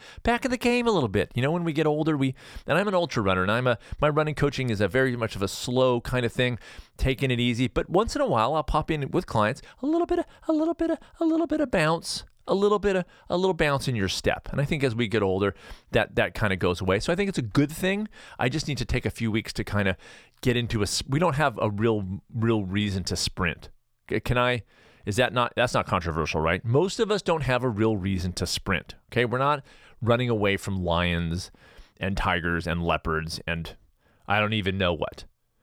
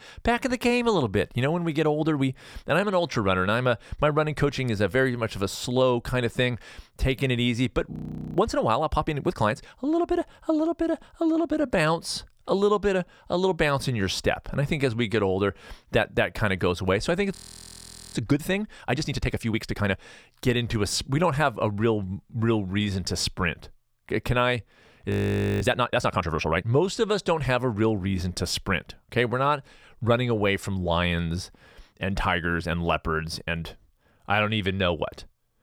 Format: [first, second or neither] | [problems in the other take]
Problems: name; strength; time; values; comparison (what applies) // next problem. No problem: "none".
first | audio freezing; at 8 s, at 17 s for 1 s and at 25 s for 0.5 s